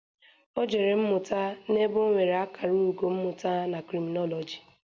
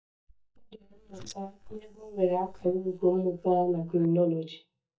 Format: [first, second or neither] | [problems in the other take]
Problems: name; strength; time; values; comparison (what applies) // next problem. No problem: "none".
first | noise reduction (neural mask model DeepFilterNet 3)